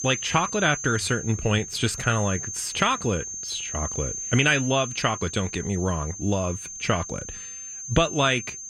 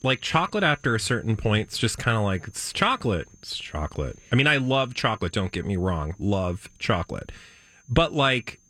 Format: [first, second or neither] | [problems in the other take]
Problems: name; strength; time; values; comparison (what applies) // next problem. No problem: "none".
second | high-pitched whine; loud; throughout; 6.5 kHz, 7 dB below the speech; faint in the second